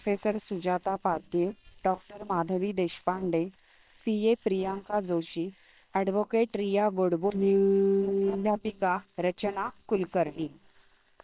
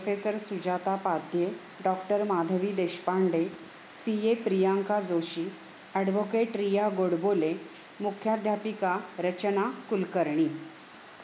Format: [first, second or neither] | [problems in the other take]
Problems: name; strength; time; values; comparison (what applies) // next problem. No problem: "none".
second | noise reduction (neural separator model SepFormer WHAM!)